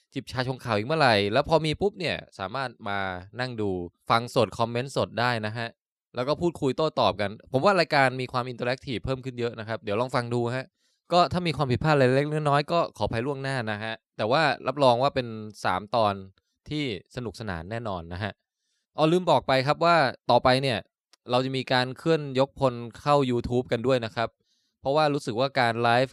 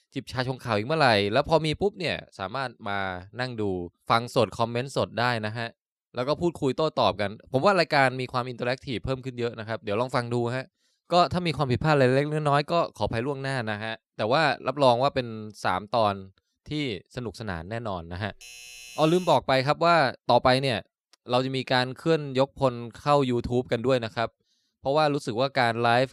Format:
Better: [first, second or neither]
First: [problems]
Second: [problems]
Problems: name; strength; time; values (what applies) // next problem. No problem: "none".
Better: first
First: none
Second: doorbell; faint; from 18 to 19 s; peak 15 dB below the speech